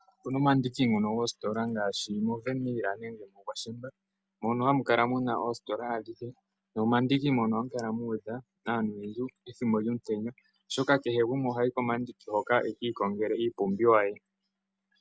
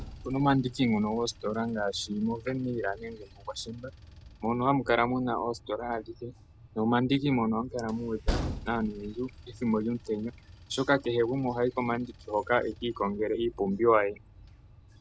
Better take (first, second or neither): first